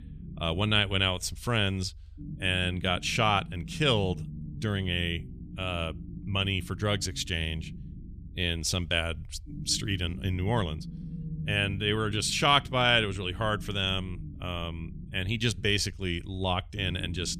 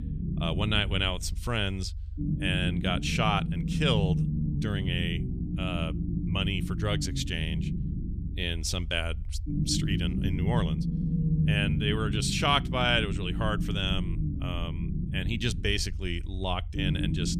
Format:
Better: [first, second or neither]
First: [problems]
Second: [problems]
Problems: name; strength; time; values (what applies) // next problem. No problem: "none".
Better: first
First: low rumble; faint; throughout; 20 dB below the speech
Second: low rumble; loud; throughout; 10 dB below the speech